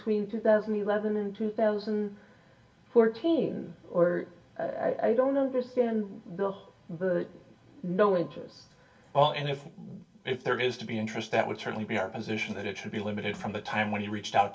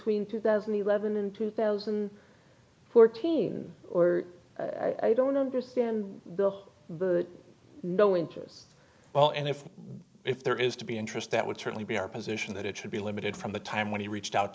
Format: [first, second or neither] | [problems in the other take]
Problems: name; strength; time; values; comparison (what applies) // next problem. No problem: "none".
second | room echo; dies away in 0.2 s